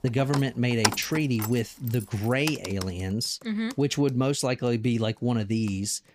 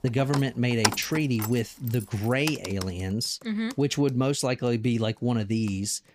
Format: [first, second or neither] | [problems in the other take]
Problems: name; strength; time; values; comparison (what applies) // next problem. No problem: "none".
neither | household noises; loud; throughout; 6 dB below the speech; the same in both